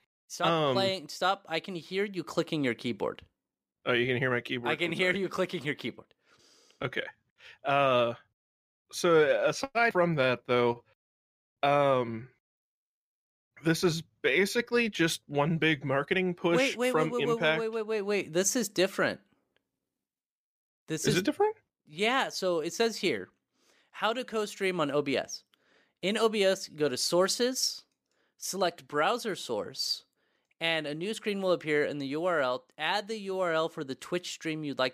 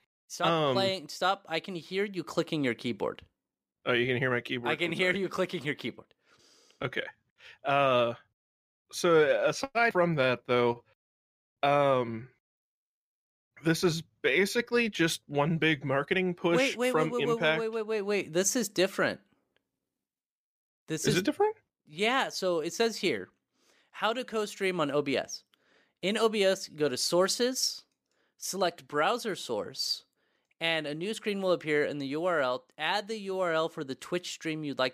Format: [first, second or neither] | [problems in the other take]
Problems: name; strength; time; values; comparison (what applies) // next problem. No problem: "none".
neither | none